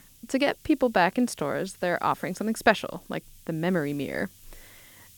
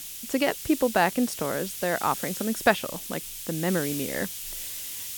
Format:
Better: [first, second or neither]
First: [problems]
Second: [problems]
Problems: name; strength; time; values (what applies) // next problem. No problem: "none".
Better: first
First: hiss; faint; throughout; 25 dB below the speech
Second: hiss; loud; throughout; 6 dB below the speech